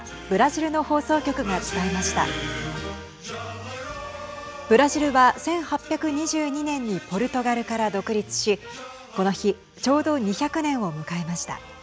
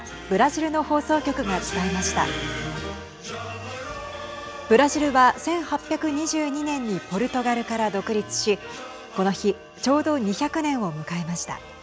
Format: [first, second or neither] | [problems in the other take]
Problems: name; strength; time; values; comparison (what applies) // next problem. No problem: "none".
first | background sound (Clock); 20 dB below the speech